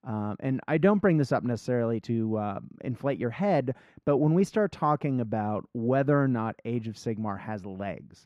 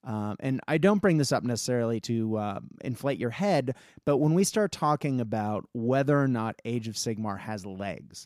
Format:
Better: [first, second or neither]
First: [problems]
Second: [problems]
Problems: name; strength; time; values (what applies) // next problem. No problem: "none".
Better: second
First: muffled; slightly; fading above 3.5 kHz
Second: none